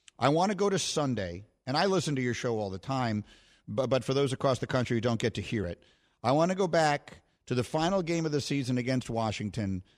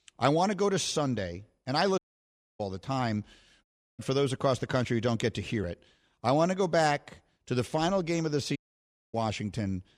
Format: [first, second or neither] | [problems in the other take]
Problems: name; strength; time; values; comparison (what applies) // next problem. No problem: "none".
first | audio cutting out; at 2 s for 0.5 s, at 3.5 s and at 8.5 s for 0.5 s